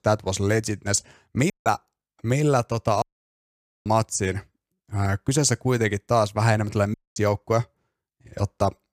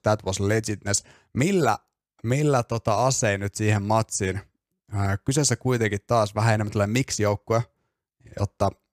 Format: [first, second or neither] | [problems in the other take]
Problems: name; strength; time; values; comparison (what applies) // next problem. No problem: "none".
second | audio cutting out; at 1.5 s, at 3 s for 1 s and at 7 s